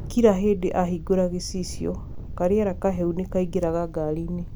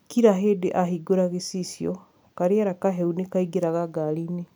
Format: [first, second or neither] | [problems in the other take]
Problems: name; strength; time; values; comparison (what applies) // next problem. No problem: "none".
second | background sound (Thunder); 10 dB below the speech